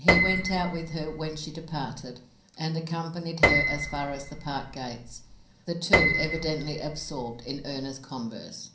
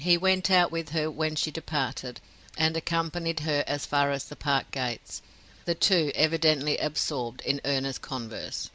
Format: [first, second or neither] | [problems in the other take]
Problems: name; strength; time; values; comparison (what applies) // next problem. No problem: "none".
second | background sound (Piano); 3 dB above the speech // room echo; dies away in 0.6 s